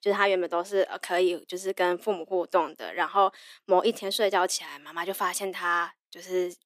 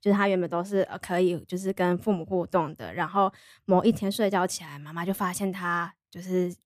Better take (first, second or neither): second